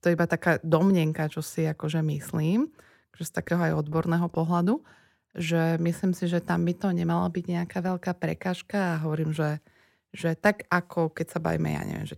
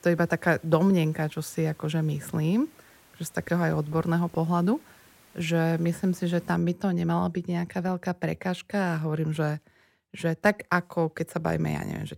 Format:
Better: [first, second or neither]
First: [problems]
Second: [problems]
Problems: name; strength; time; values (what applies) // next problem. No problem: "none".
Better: first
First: none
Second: hiss; faint; until 6.5 s; 30 dB below the speech